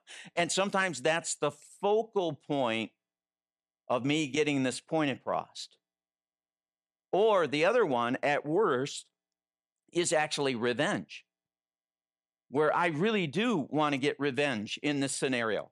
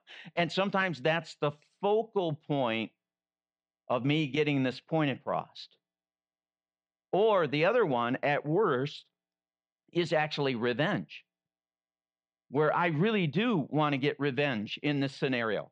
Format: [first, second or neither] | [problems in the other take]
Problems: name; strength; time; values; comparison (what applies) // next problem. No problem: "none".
first | muffled; slightly; fading above 4 kHz